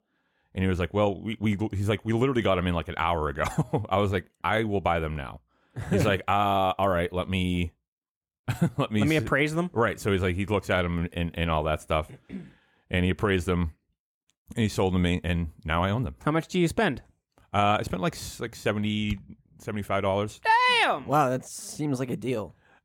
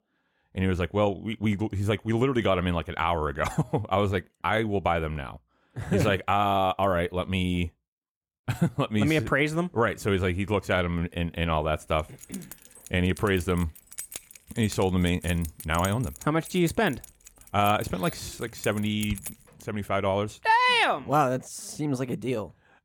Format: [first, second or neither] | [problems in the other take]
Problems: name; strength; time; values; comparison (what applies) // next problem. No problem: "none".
first | jangling keys; faint; from 12 to 20 s; peak 10 dB below the speech